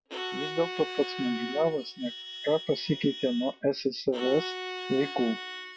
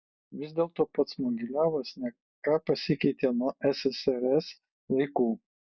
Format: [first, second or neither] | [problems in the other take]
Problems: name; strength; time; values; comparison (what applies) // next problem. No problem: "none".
second | noise reduction (classical method log-MMSE)